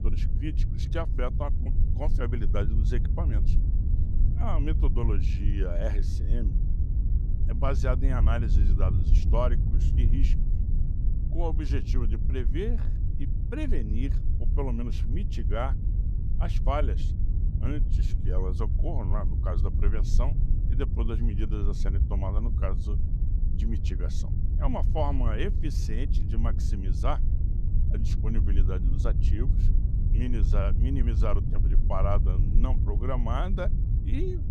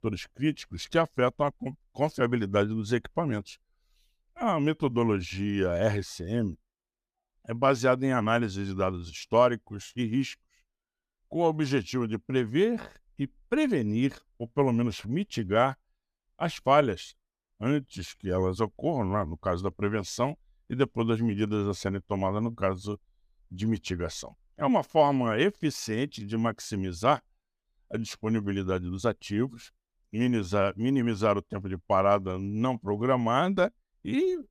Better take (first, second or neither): second